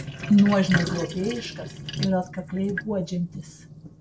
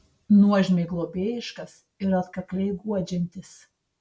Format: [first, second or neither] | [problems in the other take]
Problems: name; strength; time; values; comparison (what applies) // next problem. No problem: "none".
second | background sound (Sink (filling or washing)); 8 dB below the speech